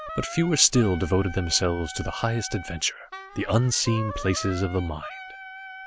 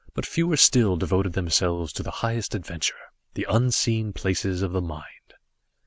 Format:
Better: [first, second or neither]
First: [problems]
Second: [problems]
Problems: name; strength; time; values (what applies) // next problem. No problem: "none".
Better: second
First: background sound (Wind instrument, woodwind instrument); 13 dB below the speech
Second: none